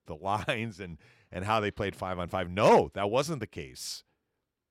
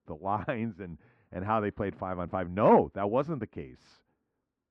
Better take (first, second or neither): first